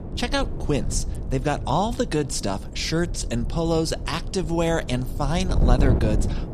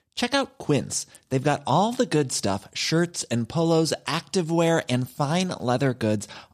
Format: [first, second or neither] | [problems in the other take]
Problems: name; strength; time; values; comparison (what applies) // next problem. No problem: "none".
second | wind noise on the microphone; occasional gusts; 10 dB below the speech